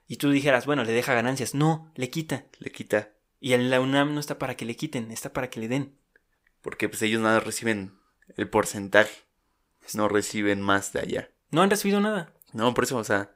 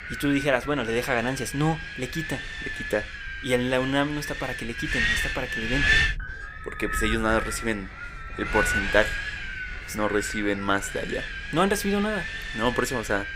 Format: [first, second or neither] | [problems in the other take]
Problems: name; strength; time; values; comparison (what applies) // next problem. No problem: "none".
first | wind noise on the microphone; heavy; 1 dB below the speech